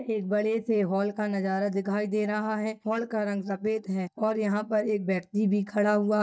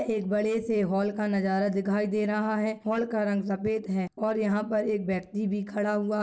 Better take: second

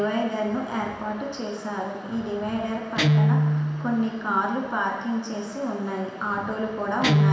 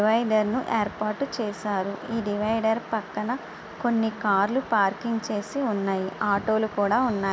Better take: second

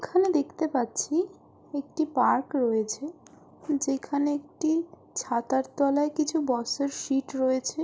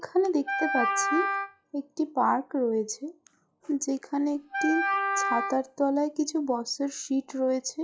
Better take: first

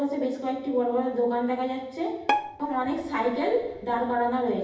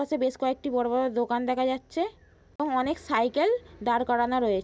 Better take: second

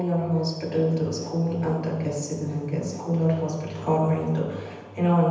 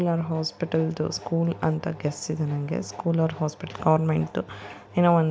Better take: second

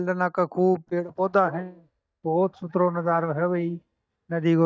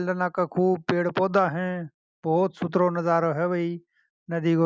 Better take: second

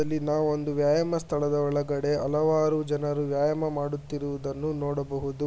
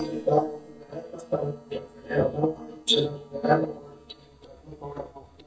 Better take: first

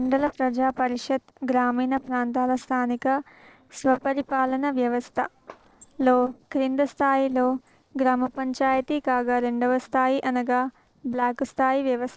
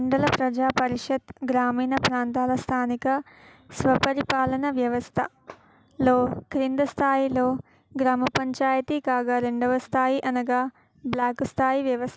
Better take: second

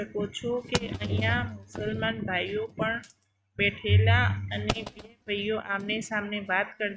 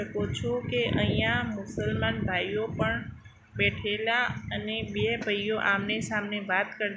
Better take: second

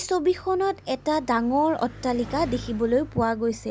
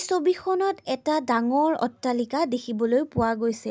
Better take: second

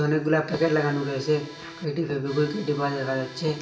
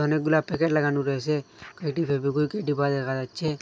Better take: second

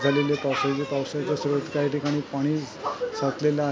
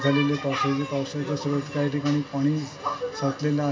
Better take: first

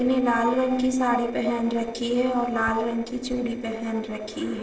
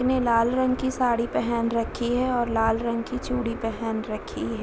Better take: second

